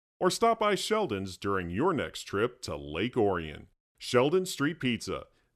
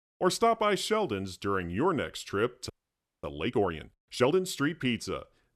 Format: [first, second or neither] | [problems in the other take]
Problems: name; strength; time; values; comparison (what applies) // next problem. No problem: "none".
first | audio freezing; at 2.5 s for 0.5 s